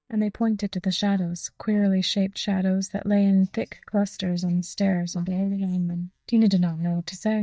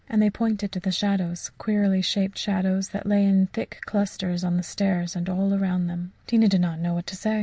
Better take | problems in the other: second | noise reduction (neural mask model DeepFilterNet 3)

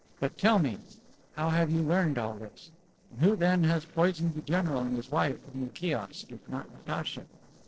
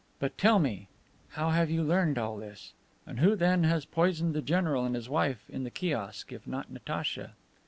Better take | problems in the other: second | noise reduction (neural separator model SepFormer DNS4)

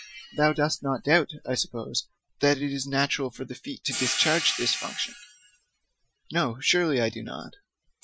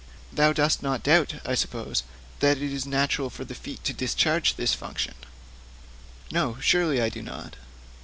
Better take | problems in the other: second | noise reduction (classical method Wiener filter)

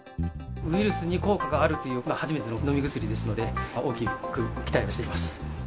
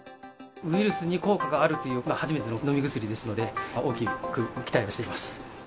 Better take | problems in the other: second | background sound (Bass guitar); 5 dB below the speech

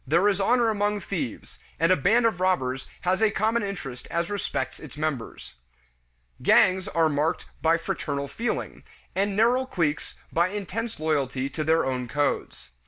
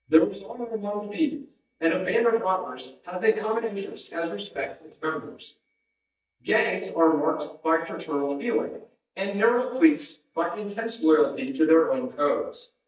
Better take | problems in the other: first | noise reduction (neural mask model DeepFilterNet 3)

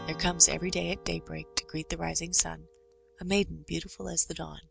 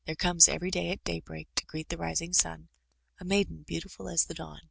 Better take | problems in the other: second | background sound (Strum); 18 dB below the speech

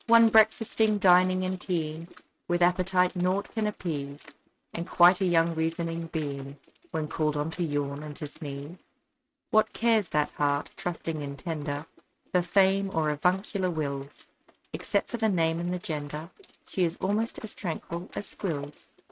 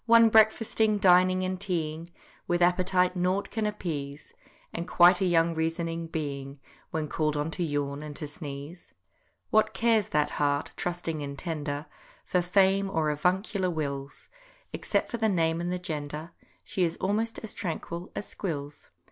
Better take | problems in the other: second | noise reduction (neural mask model RNNoise)

